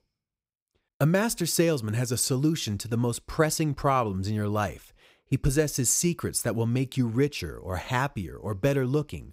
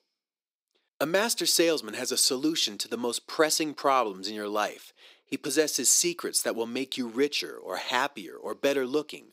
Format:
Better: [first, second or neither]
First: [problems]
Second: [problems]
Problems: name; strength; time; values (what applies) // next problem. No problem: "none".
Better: first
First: none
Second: thin; somewhat; fading below 300 Hz